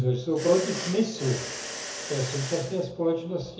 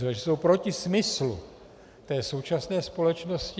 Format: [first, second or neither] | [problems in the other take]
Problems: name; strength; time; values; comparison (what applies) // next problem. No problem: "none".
second | background sound (Mechanisms); 10 dB below the speech // room echo; dies away in 0.6 s